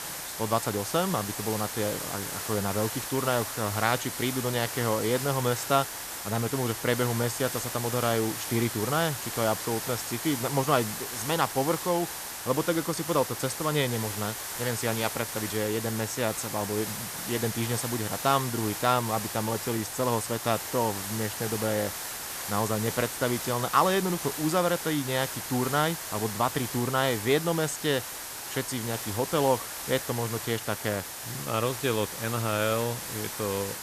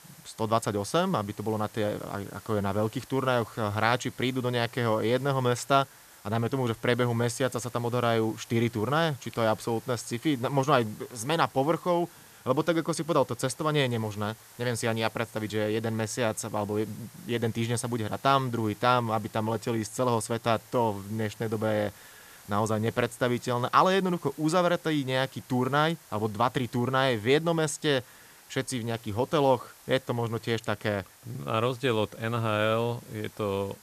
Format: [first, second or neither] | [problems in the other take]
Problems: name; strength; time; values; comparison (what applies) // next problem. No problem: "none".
second | hiss; loud; throughout; 5 dB below the speech; faint in the second